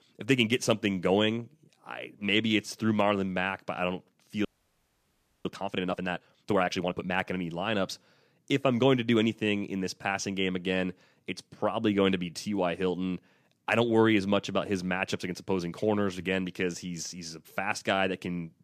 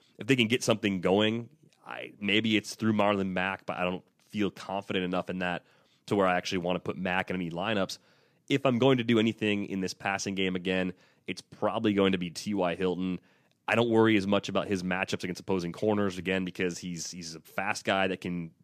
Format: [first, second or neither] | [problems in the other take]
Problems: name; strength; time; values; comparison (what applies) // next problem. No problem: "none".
second | audio freezing; at 4.5 s for 1 s